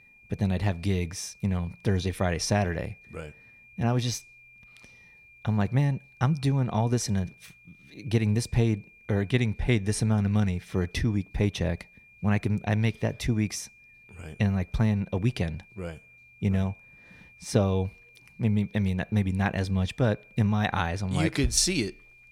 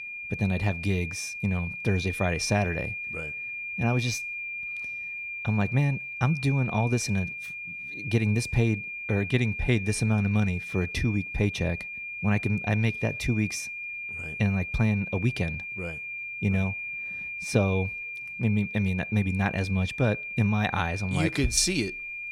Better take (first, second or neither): first